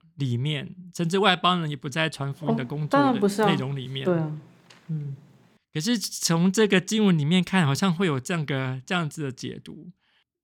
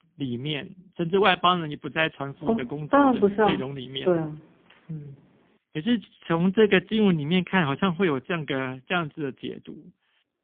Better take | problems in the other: first | phone-call audio; poor line; nothing above 3.5 kHz

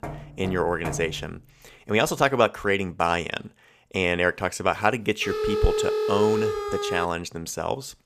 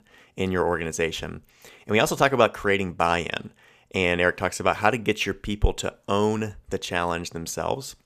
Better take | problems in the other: second | door banging; noticeable; until 1.5 s; peak 9 dB below the speech // phone ringing; loud; from 5 to 7 s; peak 1 dB above the speech

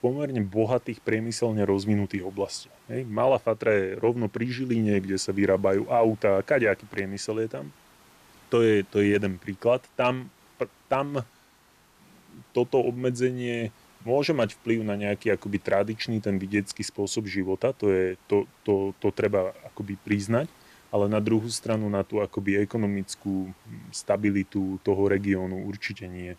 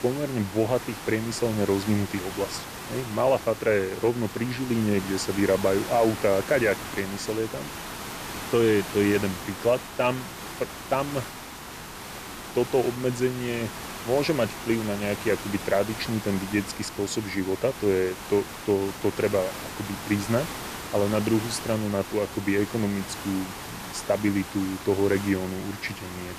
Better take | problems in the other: first | hiss; loud; throughout; 9 dB below the speech; faint in the first

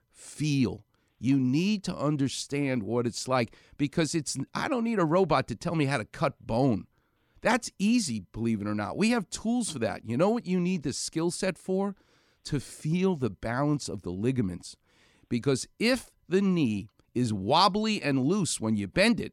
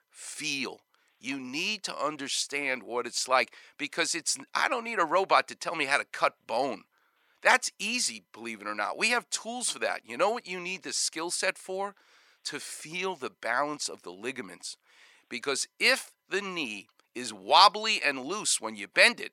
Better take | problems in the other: first | thin; very; fading below 700 Hz

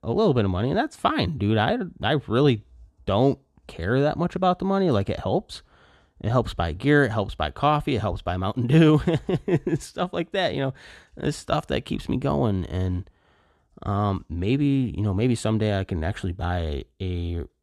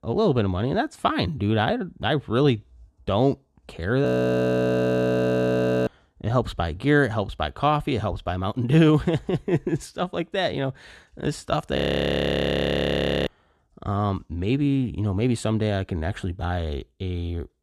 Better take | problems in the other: first | audio freezing; at 4 s for 2 s and at 12 s for 1.5 s

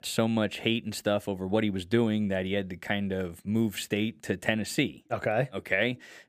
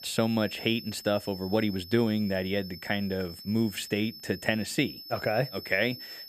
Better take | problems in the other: first | high-pitched whine; noticeable; throughout; 5.5 kHz, 15 dB below the speech

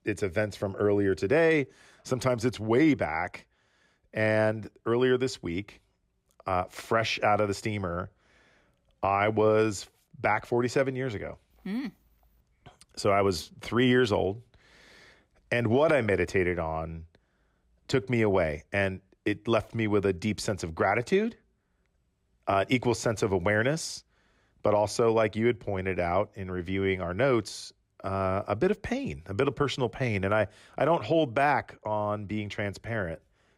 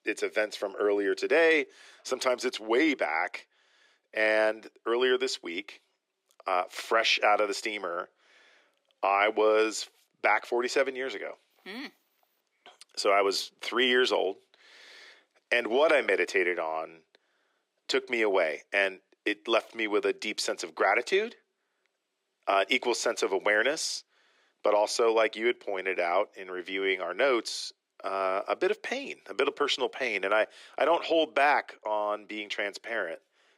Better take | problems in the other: first | thin; somewhat; fading below 350 Hz

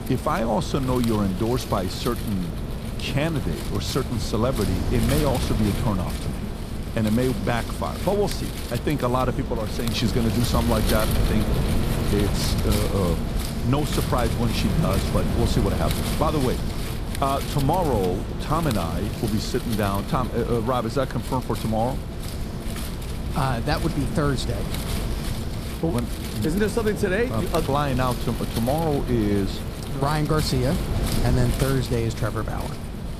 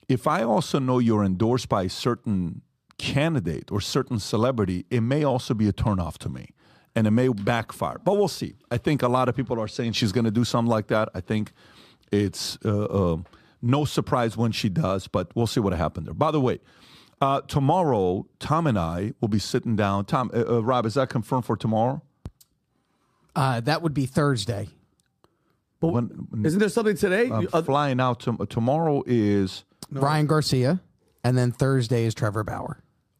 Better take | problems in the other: second | wind noise on the microphone; heavy; 6 dB below the speech

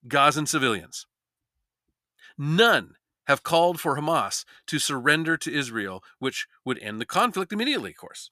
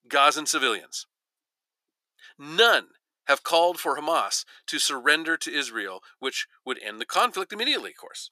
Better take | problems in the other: first | thin; somewhat; fading below 350 Hz

